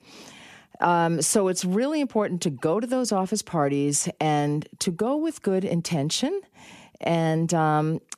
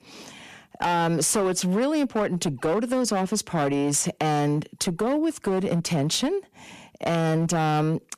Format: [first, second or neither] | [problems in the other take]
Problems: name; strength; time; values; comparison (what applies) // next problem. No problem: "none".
first | distortion; slight; 12% of the sound clipped